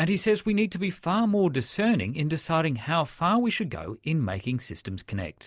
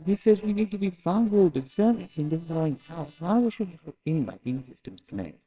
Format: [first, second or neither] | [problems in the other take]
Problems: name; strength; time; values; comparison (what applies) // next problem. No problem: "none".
first | noise reduction (neural separator model SepFormer WHAMR!)